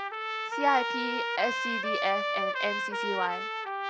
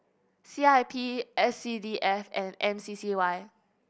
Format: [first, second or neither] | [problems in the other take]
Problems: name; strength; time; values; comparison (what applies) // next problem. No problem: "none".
second | background sound (Trumpet); 1 dB above the speech